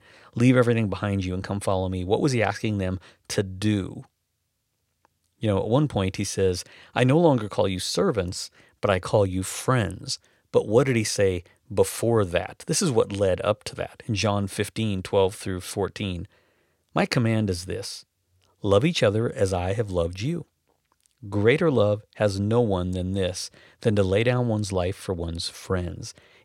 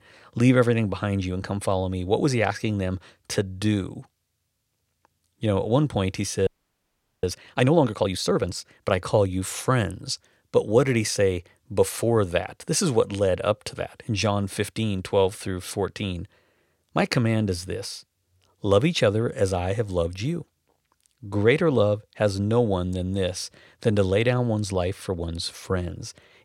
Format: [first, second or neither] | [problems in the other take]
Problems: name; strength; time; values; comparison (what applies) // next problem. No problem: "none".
first | audio freezing; at 6.5 s for 1 s